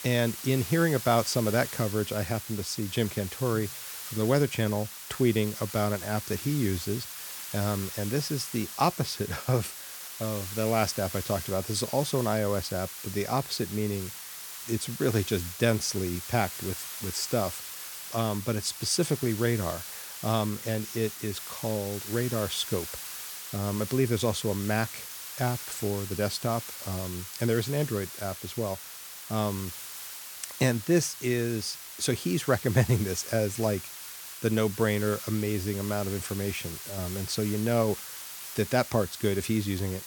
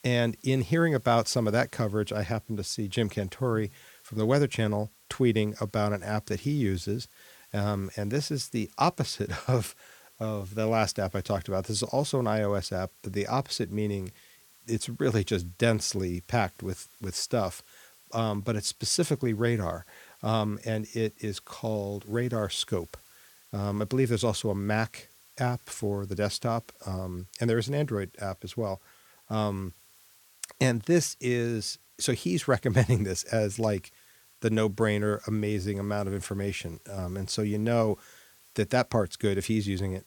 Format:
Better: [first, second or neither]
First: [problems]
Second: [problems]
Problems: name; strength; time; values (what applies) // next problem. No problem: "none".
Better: second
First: hiss; loud; throughout; 8 dB below the speech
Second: hiss; faint; throughout; 25 dB below the speech